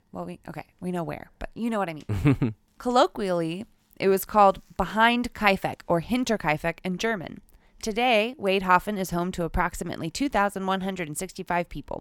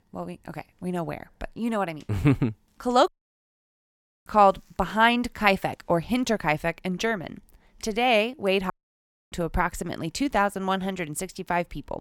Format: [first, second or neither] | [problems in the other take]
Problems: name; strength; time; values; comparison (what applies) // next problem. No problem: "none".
first | audio cutting out; at 3 s for 1 s and at 8.5 s for 0.5 s